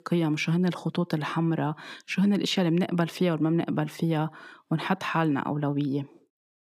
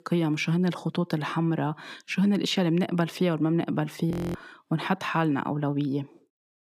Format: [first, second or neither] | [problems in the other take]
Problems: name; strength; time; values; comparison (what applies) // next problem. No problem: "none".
first | audio freezing; at 4 s